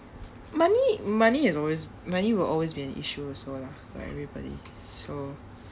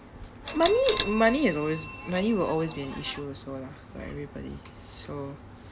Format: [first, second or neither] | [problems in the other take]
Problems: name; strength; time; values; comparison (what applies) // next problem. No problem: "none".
first | background sound (Bell); 11 dB below the speech